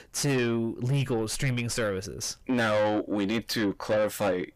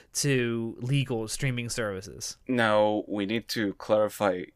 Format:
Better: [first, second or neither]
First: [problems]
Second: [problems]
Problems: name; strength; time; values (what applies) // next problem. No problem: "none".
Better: second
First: distortion; heavy; 7 dB below the speech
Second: none